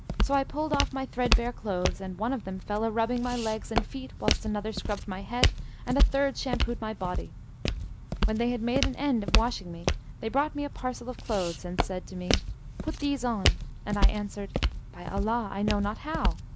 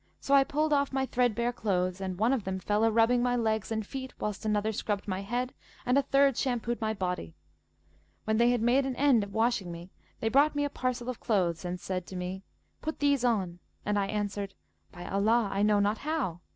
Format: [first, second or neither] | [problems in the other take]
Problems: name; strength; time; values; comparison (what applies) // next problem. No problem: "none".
second | background sound (Walk, footsteps); 1 dB above the speech